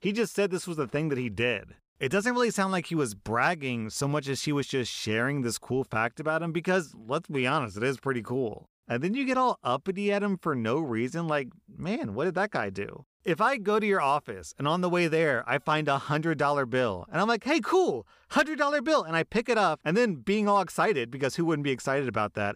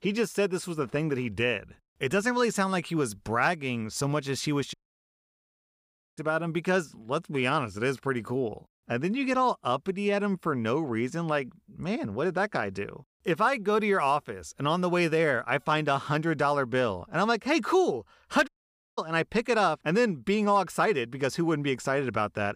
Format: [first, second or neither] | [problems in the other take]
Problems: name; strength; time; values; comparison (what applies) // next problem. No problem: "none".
first | audio cutting out; at 4.5 s for 1.5 s and at 18 s